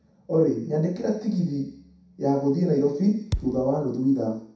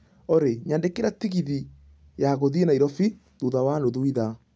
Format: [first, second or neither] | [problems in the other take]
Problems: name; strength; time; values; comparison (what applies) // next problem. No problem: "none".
second | background sound (Thump, thud); 9 dB below the speech // room echo; dies away in 0.7 s